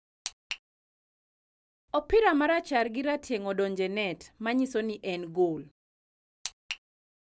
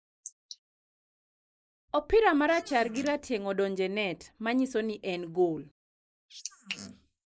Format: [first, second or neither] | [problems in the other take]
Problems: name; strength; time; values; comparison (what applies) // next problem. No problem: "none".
first | noise reduction (neural mask model Resemble Enhance denoiser)